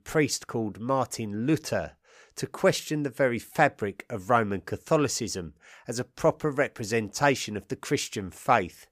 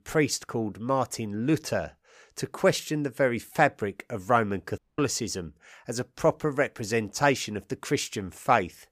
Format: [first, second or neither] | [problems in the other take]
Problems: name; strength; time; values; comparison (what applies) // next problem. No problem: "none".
first | audio cutting out; at 5 s